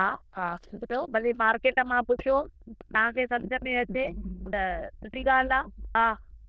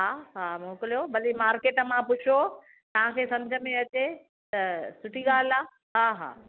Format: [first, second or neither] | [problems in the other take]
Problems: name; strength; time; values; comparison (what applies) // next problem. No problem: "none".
second | noise reduction (neural diffusion model UNIVERSE++)